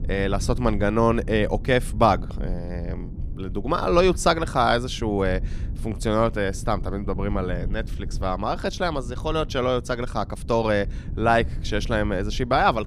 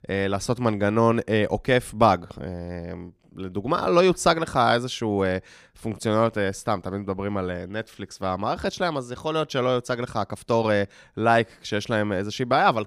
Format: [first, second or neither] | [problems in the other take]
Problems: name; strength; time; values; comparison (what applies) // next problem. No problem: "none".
second | low rumble; faint; throughout; 25 dB below the speech